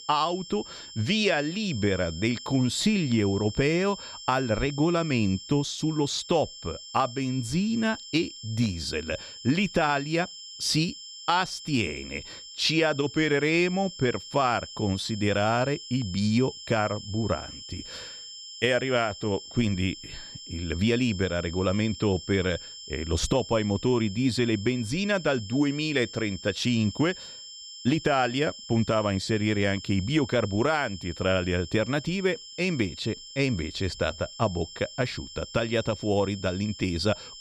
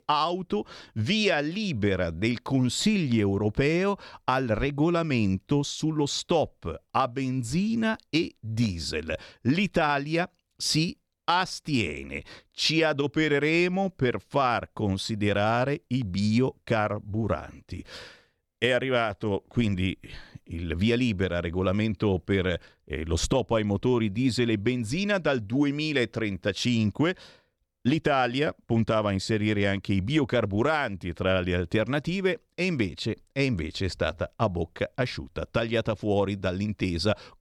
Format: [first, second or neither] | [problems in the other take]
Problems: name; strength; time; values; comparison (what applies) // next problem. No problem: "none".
second | high-pitched whine; noticeable; throughout; 5.5 kHz, 15 dB below the speech